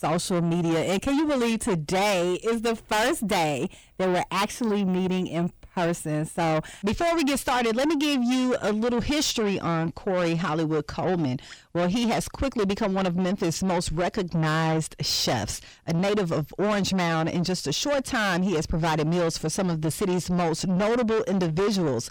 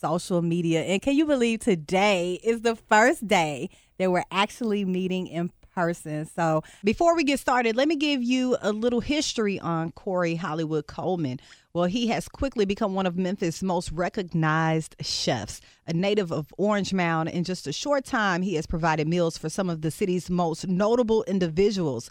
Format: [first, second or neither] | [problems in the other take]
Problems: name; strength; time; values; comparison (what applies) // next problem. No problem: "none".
second | distortion; heavy; 7 dB below the speech